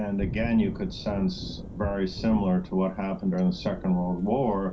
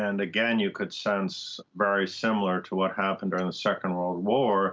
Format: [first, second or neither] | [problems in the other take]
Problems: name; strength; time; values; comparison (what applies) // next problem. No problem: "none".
second | background sound (Thunder / Rain); 10 dB below the speech // room echo; dies away in 0.4 s